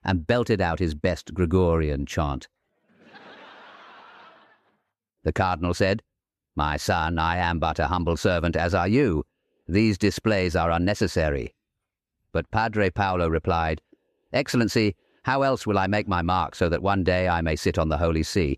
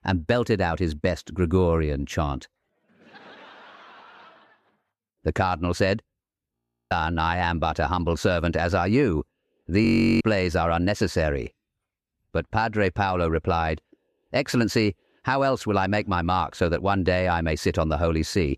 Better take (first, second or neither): first